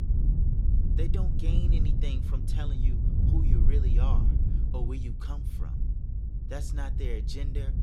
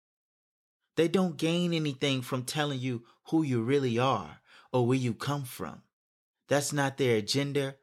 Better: second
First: low rumble; loud; throughout; 1 dB below the speech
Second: none

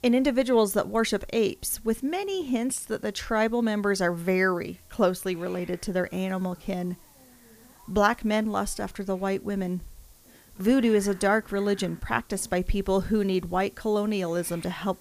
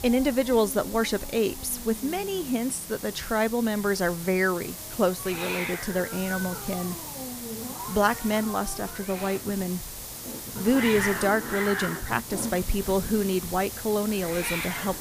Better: first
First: hiss; faint; throughout; 25 dB below the speech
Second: hiss; loud; throughout; 7 dB below the speech

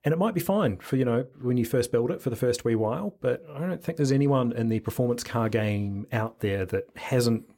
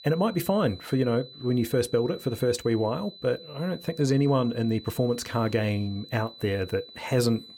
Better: first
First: none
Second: high-pitched whine; noticeable; throughout; 4 kHz, 20 dB below the speech

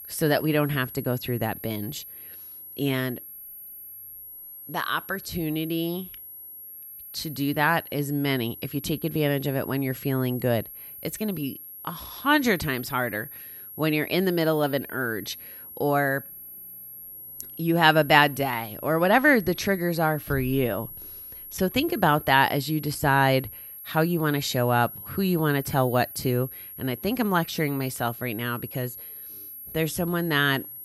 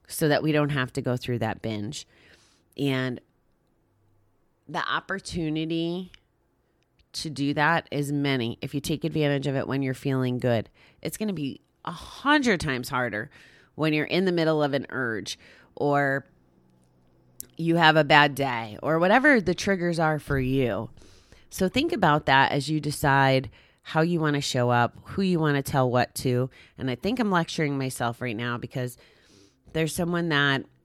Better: second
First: high-pitched whine; noticeable; throughout; 11.5 kHz, 15 dB below the speech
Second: none

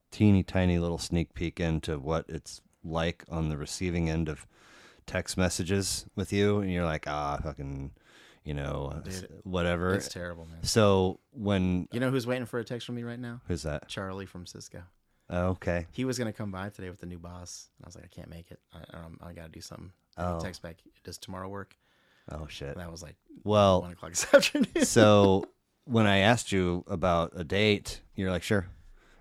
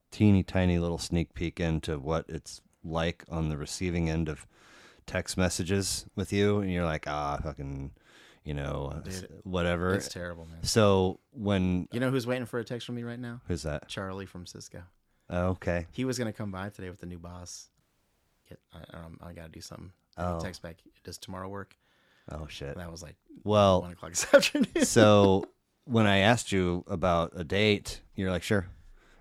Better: first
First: none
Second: audio cutting out; at 18 s for 0.5 s

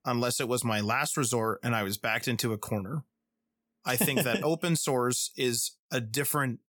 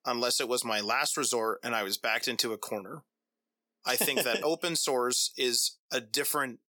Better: first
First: none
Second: thin; somewhat; fading below 400 Hz

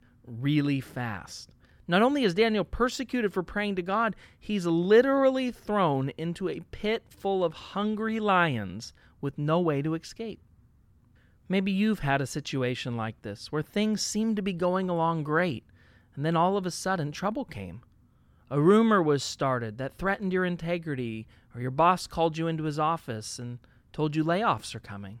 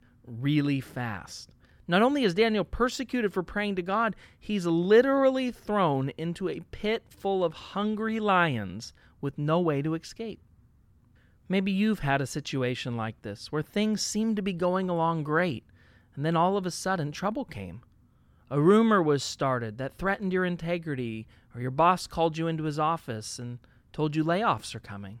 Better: neither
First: none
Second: none

